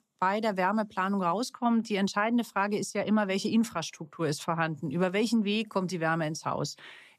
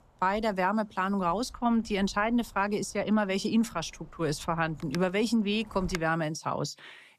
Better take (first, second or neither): first